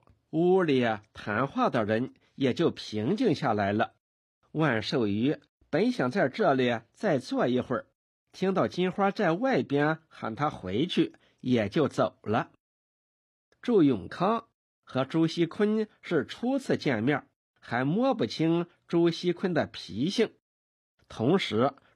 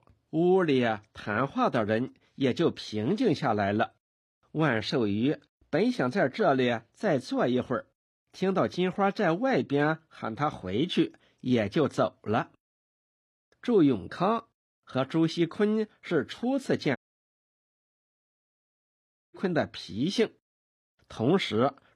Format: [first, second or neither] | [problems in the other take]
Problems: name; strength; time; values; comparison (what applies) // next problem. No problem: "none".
first | audio cutting out; at 17 s for 2.5 s